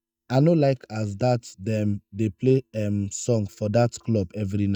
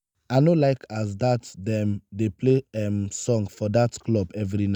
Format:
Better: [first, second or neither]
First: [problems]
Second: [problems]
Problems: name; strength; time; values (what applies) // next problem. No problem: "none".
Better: second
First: noise reduction (neural mask model DeepFilterNet 3)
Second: none